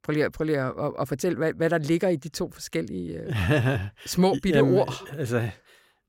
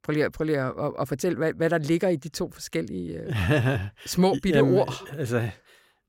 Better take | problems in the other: neither | none

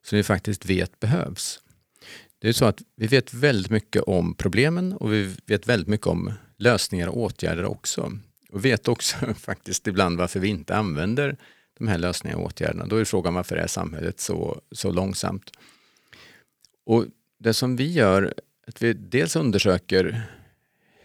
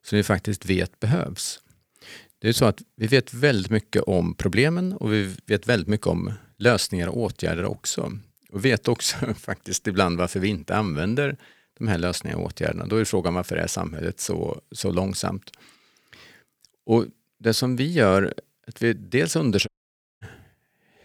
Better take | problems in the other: first | audio cutting out; at 20 s for 0.5 s

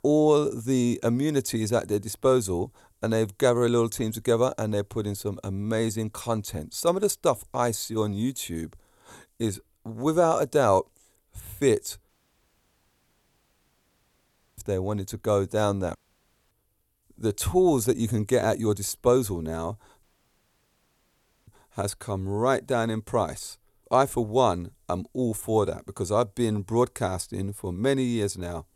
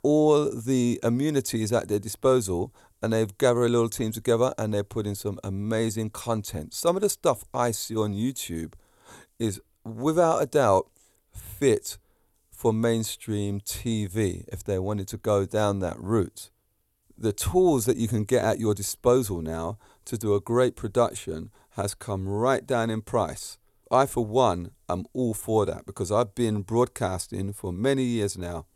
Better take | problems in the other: second | audio cutting out; at 12 s for 2.5 s, at 16 s for 0.5 s and at 20 s for 1.5 s

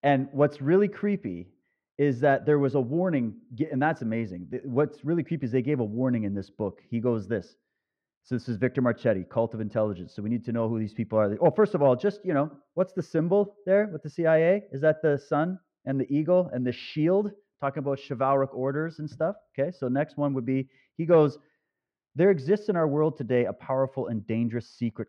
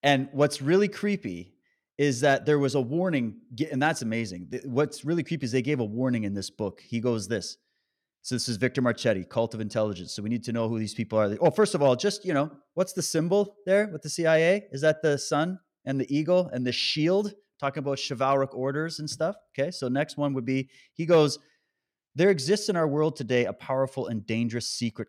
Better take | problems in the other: second | muffled; very; fading above 4 kHz

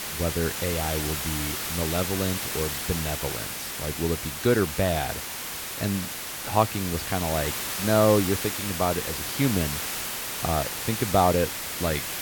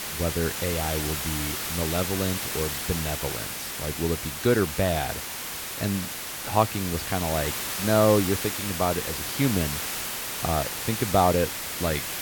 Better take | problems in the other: neither | hiss; loud; throughout; 2 dB below the speech; the same in both

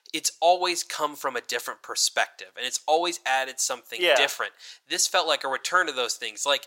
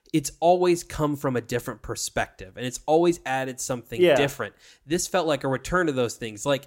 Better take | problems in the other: second | thin; very; fading below 850 Hz

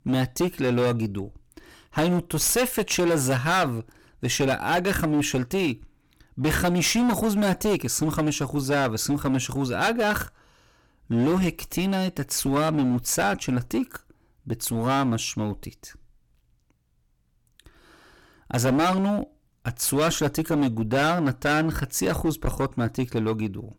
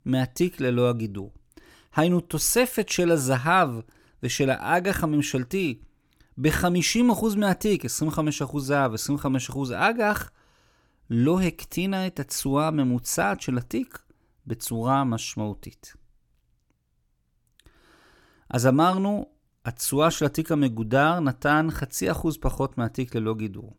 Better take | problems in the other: second | distortion; heavy; 12% of the sound clipped

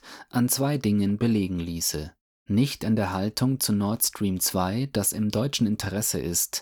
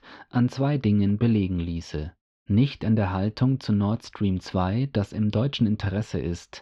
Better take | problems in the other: first | muffled; slightly; fading above 3.5 kHz

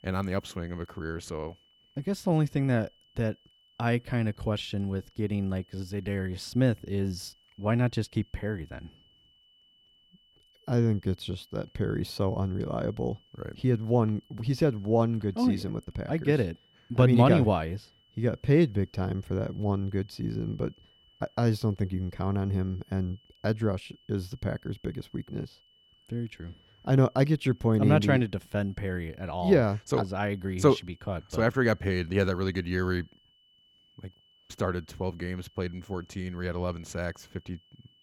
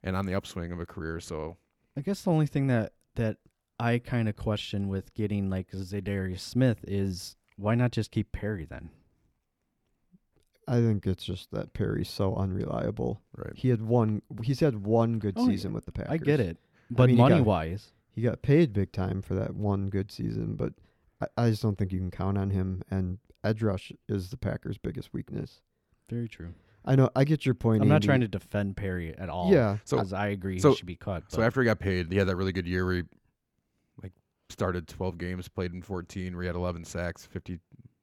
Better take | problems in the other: second | high-pitched whine; faint; throughout; 3 kHz, 30 dB below the speech

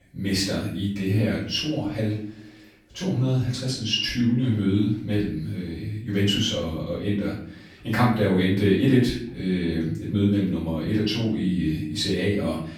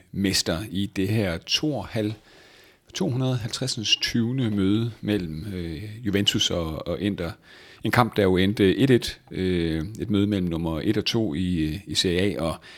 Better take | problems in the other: second | off-mic speech; far // room echo; noticeable; dies away in 0.6 s

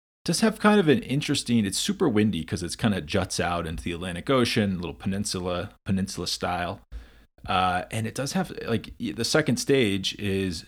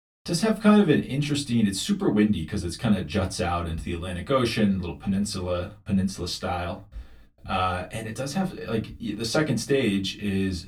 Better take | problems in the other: first | off-mic speech; far // room echo; very slight; dies away in 0.2 s

